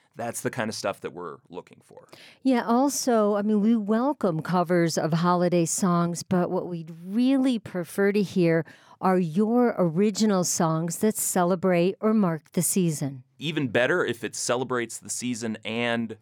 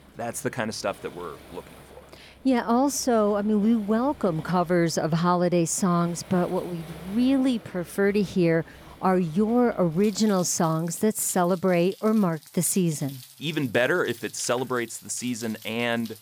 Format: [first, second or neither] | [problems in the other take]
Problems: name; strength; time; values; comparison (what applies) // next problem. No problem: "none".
first | rain or running water; faint; throughout; 20 dB below the speech